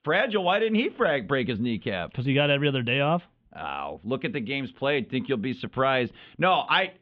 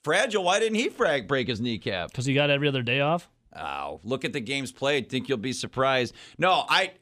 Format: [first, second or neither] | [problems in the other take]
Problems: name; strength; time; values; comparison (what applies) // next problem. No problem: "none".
second | muffled; very; fading above 3.5 kHz